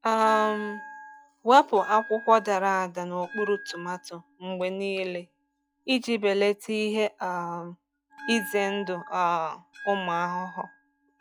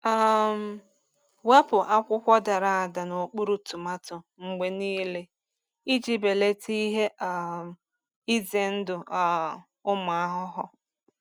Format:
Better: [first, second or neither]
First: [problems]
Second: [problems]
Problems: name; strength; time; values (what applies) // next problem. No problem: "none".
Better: second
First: noise reduction (classical method log-MMSE)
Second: none